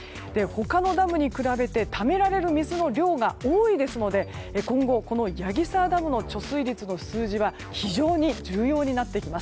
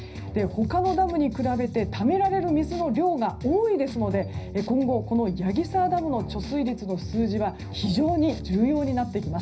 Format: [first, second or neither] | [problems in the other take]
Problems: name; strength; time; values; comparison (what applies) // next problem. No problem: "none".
first | room echo; dies away in 0.5 s